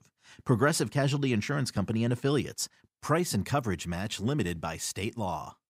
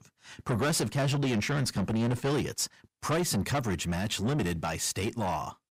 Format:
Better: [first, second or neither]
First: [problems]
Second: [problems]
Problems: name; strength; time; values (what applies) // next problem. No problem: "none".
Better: first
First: none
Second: distortion; heavy; 7 dB below the speech